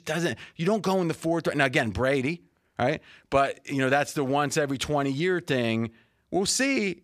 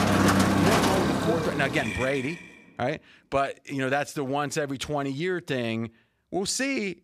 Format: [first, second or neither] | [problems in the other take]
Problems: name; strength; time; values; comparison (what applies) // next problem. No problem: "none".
first | traffic noise; very loud; until 2 s; 4 dB above the speech